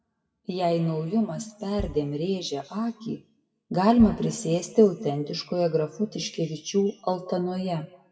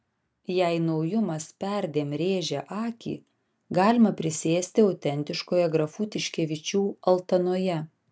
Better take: second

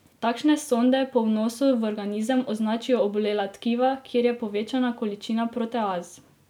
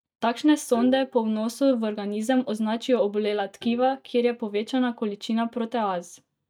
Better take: first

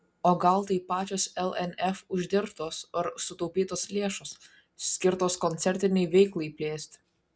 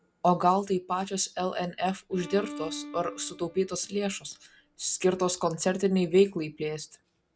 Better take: first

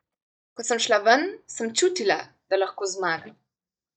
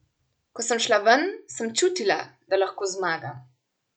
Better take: second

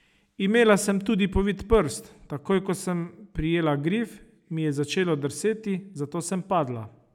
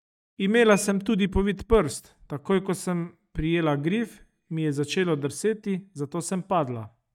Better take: first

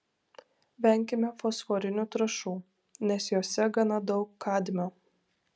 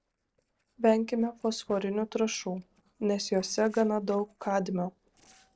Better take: first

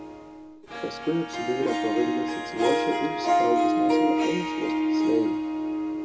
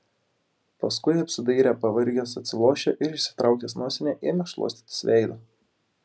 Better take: second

